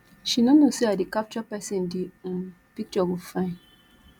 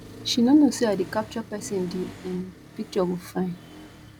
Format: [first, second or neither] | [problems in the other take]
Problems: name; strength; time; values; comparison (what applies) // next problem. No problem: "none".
first | background sound (Accelerating, revving, vroom); 17 dB below the speech